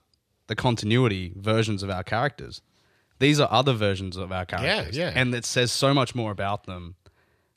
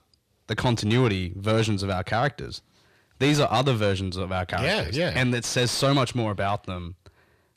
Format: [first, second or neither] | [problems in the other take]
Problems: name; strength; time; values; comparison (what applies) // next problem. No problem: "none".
first | distortion; slight; 10 dB below the speech